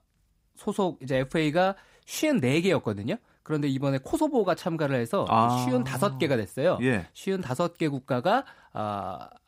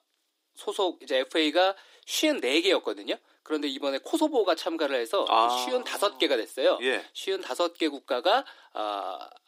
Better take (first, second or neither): first